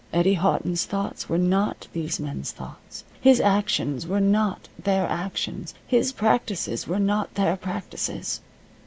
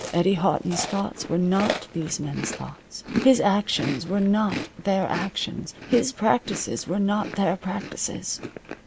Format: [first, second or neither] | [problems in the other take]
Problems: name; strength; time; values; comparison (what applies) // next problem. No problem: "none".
first | background sound (Chewing, mastication); 10 dB below the speech